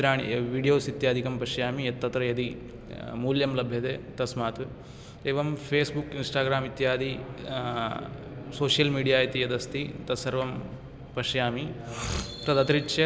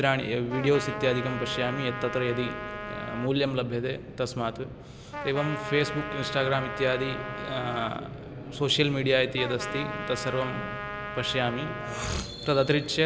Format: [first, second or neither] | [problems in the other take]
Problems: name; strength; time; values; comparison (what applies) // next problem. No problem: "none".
first | background sound (Trumpet); 8 dB below the speech